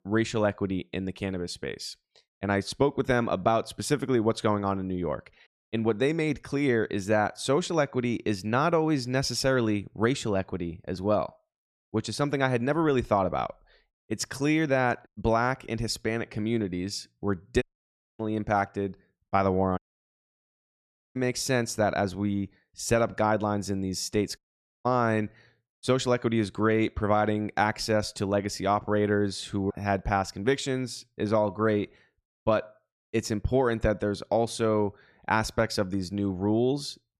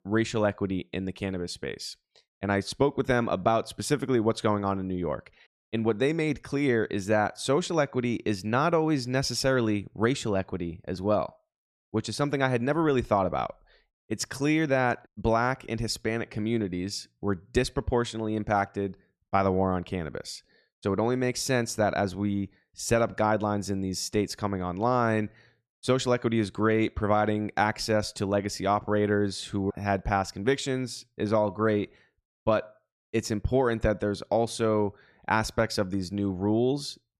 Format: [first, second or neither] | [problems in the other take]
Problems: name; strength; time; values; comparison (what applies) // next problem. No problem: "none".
second | audio cutting out; at 18 s for 0.5 s, at 20 s for 1.5 s and at 24 s